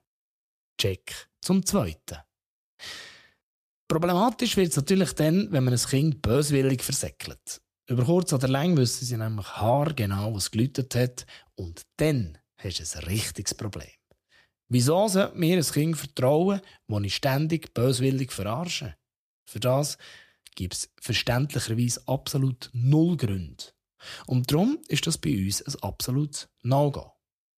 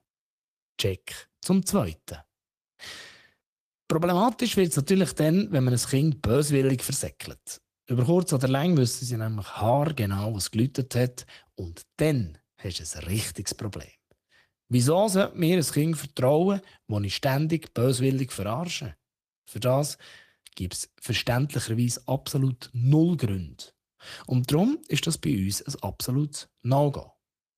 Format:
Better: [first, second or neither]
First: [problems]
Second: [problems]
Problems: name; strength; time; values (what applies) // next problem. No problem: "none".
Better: first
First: none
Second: garbled, watery; slightly; nothing above 14.5 kHz